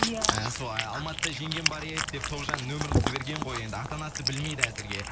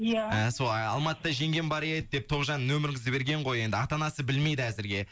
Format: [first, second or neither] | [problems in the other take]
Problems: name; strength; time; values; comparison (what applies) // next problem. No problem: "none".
second | background sound (Cat); 4 dB above the speech